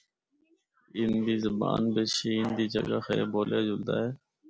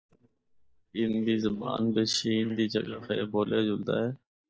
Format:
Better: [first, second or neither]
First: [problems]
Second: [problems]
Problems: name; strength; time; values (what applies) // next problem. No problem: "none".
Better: first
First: none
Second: noise reduction (neural mask model DeepFilterNet 3)